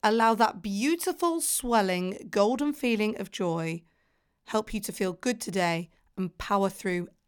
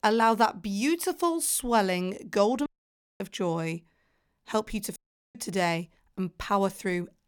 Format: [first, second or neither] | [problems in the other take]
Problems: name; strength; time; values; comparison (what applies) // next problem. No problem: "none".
first | audio cutting out; at 2.5 s for 0.5 s and at 5 s